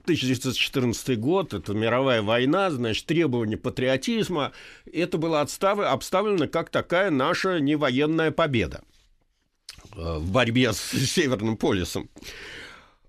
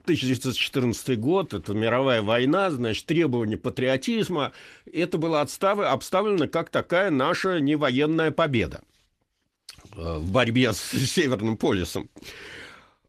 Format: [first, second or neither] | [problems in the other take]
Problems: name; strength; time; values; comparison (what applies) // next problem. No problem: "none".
first | garbled, watery; slightly; nothing above 14.5 kHz